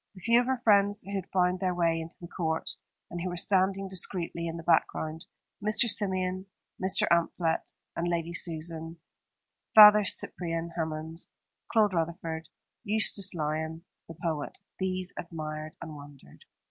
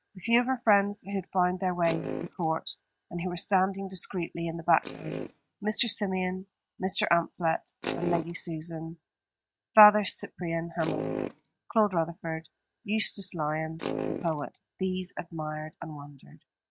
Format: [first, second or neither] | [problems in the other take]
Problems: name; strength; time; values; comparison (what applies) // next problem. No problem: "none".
first | noise reduction (neural mask model RNNoise)